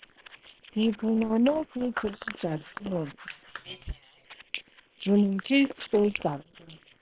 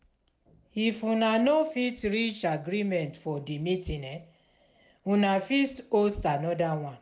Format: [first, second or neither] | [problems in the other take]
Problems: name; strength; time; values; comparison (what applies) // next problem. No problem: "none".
second | noise reduction (neural separator model SepFormer WHAM!)